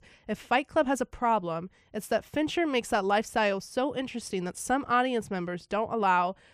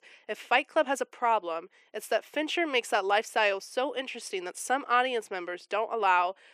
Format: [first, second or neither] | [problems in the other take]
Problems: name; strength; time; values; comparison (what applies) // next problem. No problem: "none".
first | thin; somewhat; fading below 350 Hz